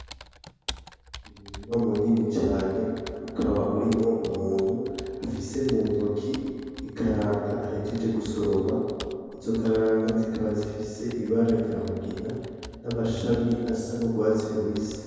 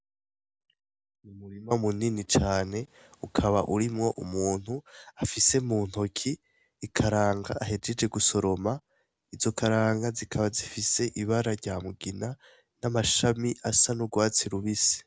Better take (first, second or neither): second